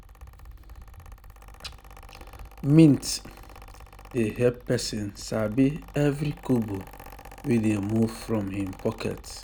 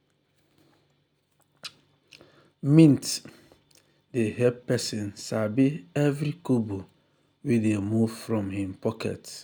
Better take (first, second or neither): second